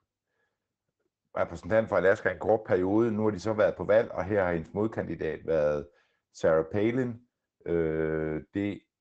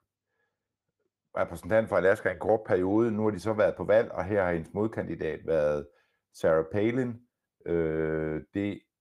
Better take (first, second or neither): second